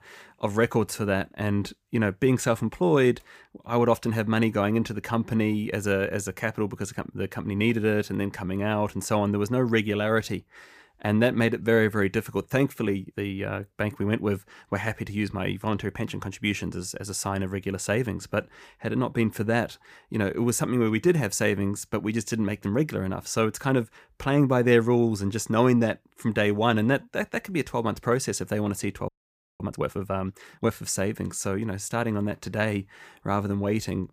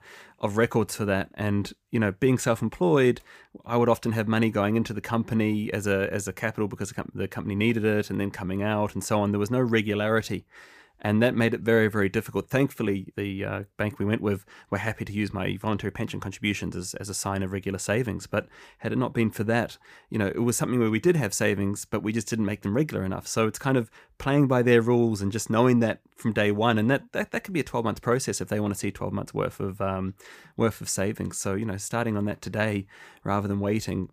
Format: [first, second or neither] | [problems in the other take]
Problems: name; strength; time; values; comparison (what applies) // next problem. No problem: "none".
second | audio freezing; at 29 s for 0.5 s